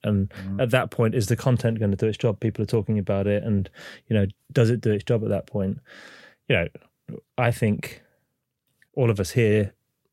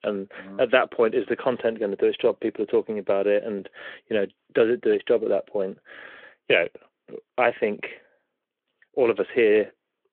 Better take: first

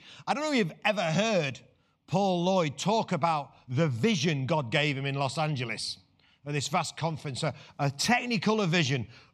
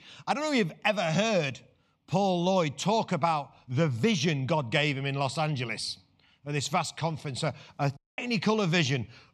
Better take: first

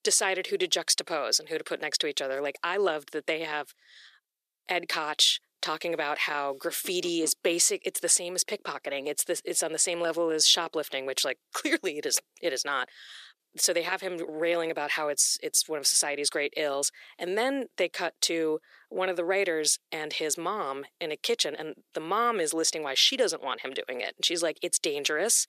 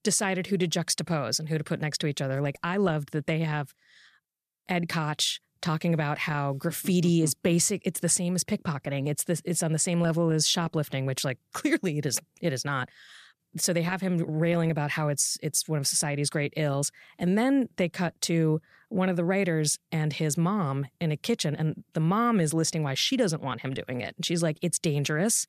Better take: second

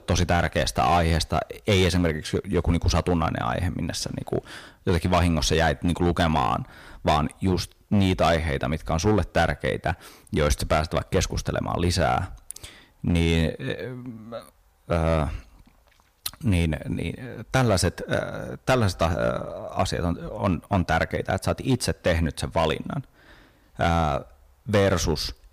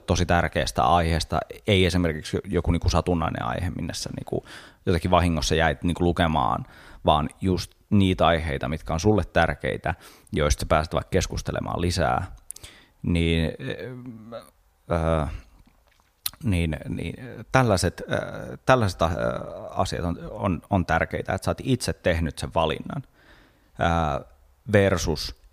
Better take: second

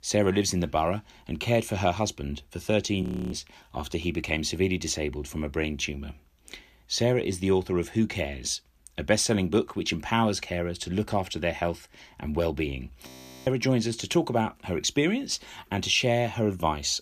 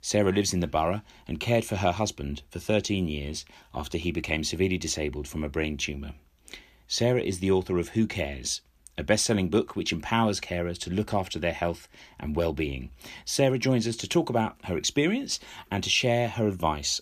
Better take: second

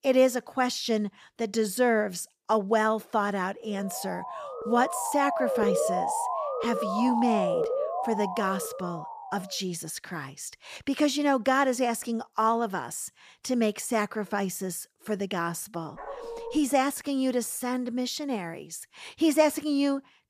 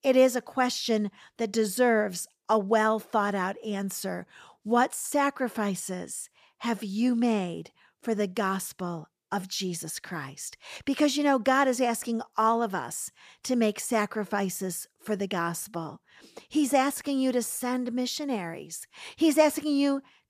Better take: second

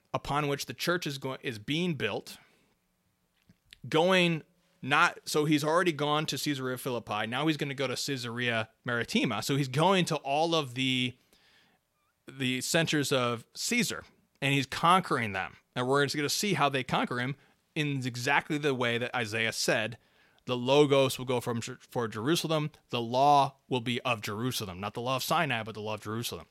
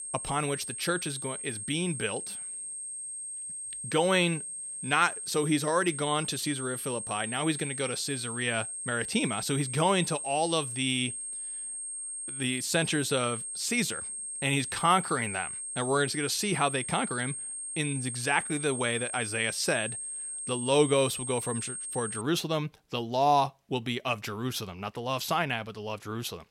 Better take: first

